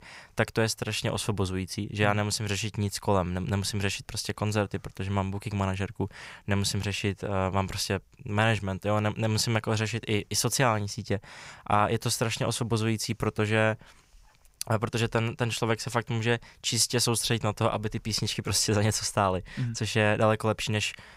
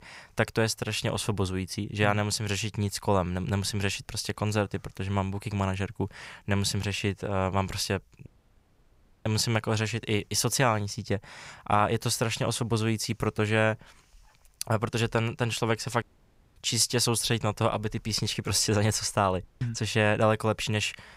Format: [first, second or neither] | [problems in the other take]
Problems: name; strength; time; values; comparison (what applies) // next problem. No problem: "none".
first | audio cutting out; at 8.5 s for 1 s, at 16 s for 0.5 s and at 19 s